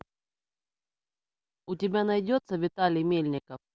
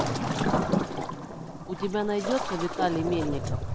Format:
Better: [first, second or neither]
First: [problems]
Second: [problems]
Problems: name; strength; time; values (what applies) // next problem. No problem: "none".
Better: first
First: none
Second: background sound (Waves, surf); 2 dB above the speech